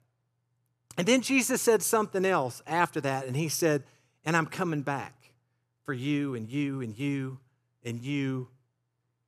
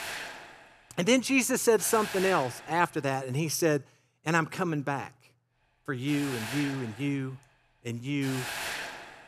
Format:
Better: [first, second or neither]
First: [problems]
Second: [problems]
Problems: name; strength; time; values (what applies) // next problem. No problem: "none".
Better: first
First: none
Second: hiss; loud; until 3.5 s and from 5.5 s on; 9 dB below the speech